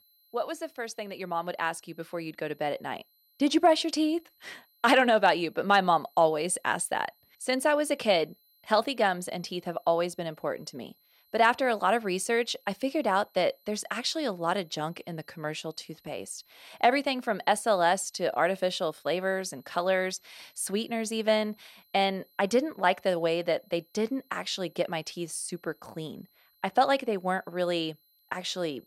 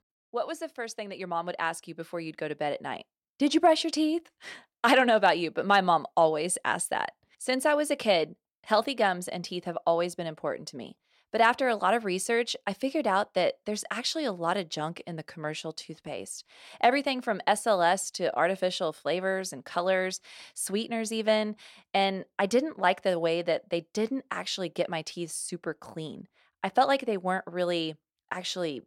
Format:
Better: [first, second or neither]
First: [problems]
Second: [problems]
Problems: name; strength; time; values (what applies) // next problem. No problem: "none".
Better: second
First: high-pitched whine; faint; throughout; 4 kHz, 35 dB below the speech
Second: none